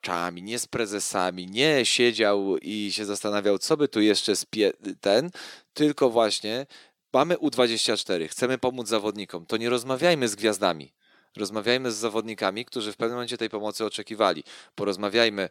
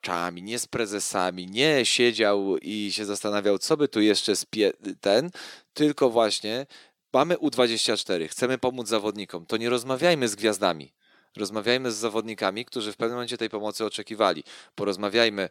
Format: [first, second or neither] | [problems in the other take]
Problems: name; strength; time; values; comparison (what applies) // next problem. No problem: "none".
neither | thin; somewhat; fading below 350 Hz; the same in both